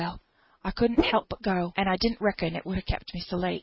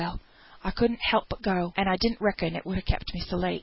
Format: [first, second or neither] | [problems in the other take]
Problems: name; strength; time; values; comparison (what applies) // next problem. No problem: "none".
second | noise reduction (neural mask model RNNoise)